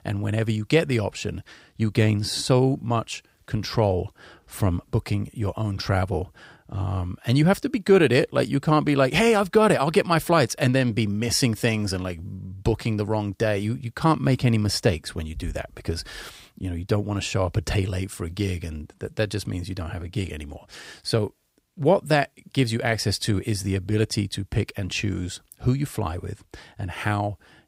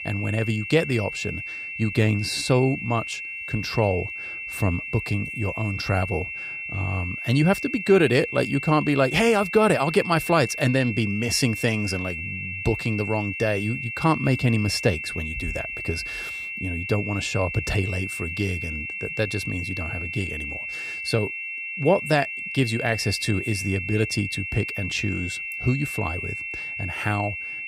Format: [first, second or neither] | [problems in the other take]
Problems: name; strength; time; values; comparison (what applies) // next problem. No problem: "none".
first | high-pitched whine; loud; throughout; 2.5 kHz, 5 dB below the speech